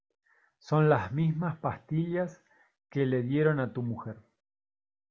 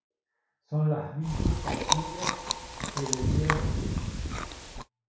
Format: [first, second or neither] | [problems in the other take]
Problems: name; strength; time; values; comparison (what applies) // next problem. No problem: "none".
first | background sound (Chewing, mastication); 4 dB above the speech // room echo; dies away in 0.6 s